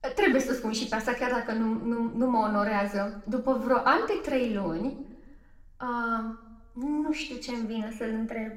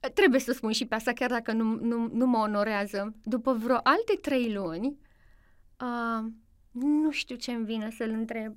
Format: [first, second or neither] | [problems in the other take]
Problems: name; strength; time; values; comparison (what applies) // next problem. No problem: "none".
second | room echo; slight; dies away in 0.6 s // off-mic speech; somewhat distant